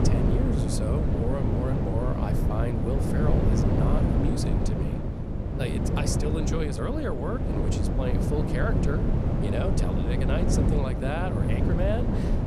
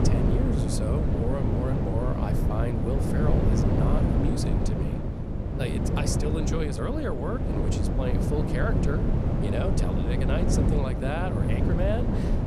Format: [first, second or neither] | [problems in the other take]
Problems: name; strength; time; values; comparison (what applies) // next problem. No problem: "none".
neither | wind noise on the microphone; heavy; as loud as the speech; the same in both